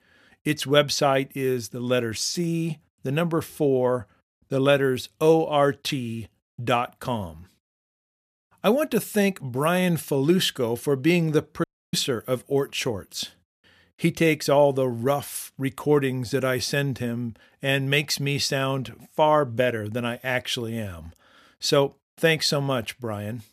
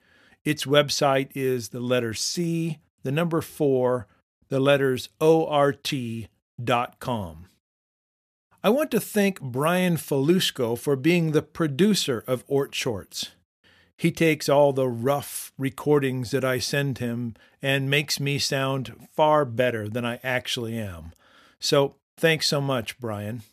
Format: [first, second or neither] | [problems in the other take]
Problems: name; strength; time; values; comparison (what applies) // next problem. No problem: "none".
second | audio cutting out; at 12 s